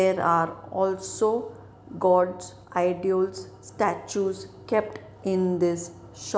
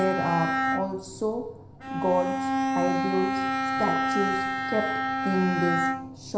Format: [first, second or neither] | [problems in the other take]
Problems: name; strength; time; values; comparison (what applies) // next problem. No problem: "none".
first | background sound (Bowed string instrument); 1 dB above the speech // room echo; dies away in 0.5 s